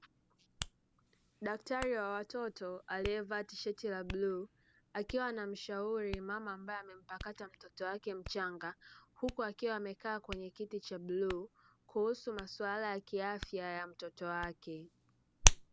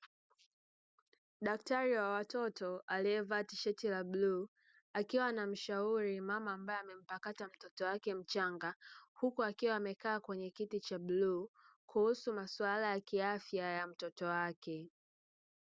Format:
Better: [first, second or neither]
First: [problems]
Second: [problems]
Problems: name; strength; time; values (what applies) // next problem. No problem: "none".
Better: second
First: background sound (Hands); 1 dB below the speech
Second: none